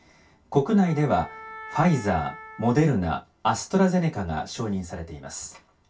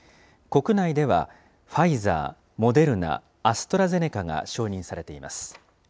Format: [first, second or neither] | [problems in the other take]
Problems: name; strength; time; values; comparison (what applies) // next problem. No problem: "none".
second | background sound (Wind instrument, woodwind instrument); 17 dB below the speech // room echo; dies away in 0.1 s